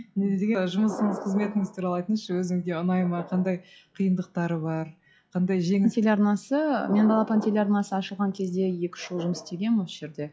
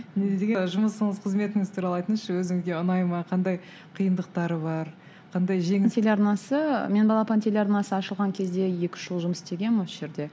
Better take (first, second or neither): second